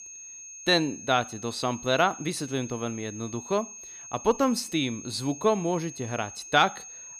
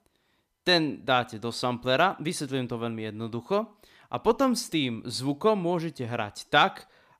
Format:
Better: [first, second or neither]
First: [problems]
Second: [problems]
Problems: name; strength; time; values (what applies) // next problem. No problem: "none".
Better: second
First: high-pitched whine; noticeable; throughout; 6.5 kHz, 15 dB below the speech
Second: none